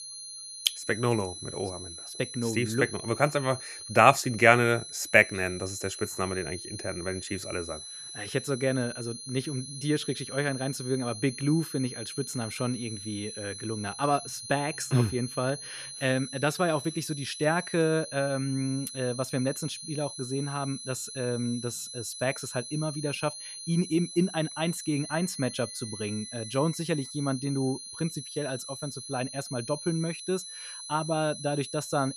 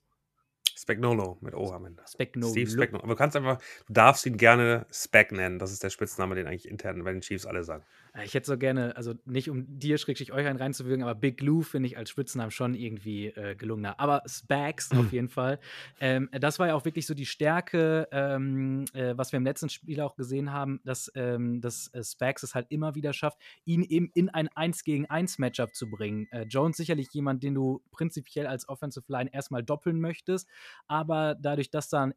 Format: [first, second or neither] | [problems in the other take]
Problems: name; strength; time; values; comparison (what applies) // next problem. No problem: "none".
second | high-pitched whine; loud; throughout; 4 kHz, 9 dB below the speech